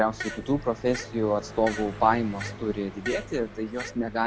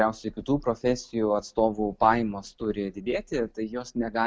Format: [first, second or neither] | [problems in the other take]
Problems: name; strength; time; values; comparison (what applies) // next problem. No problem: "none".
second | background sound (Fart + Car passing by); 11 dB below the speech